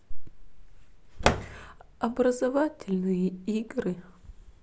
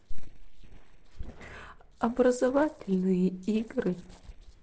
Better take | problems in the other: first | noise reduction (neural separator model SepFormer DNS4)

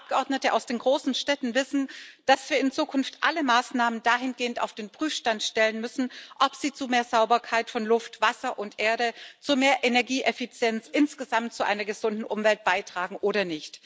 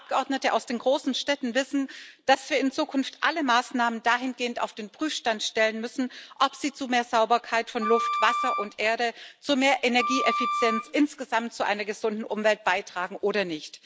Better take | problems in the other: first | background sound (Wind instrument, woodwind instrument); 3 dB below the speech

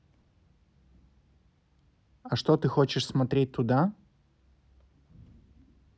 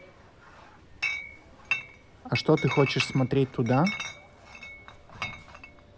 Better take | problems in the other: first | background sound (Chatter / Chink, clink); 8 dB below the speech

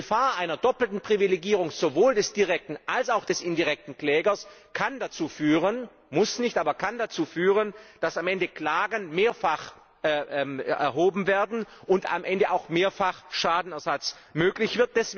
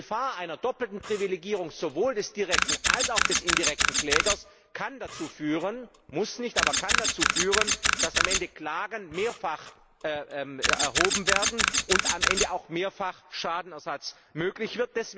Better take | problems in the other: first | background sound (Camera); 4 dB above the speech

